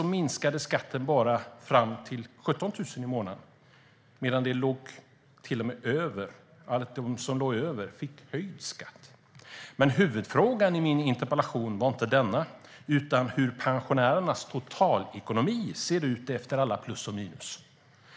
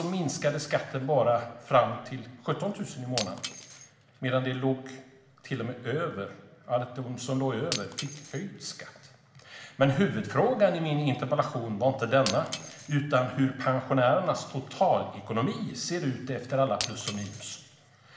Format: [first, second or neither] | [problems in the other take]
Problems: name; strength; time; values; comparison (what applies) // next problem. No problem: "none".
first | background sound (Shatter); 16 dB below the speech // room echo; dies away in 0.9 s